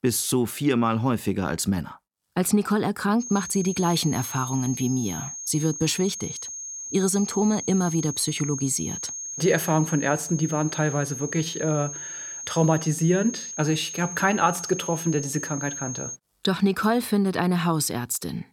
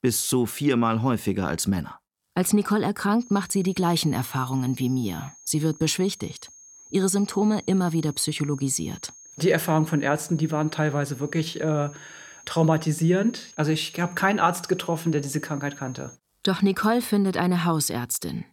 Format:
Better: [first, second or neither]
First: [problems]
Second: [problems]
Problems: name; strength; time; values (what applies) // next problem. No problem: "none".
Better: second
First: high-pitched whine; loud; from 3 to 16 s; 6.5 kHz, 8 dB below the speech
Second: high-pitched whine; faint; from 3 to 16 s; 6.5 kHz, 20 dB below the speech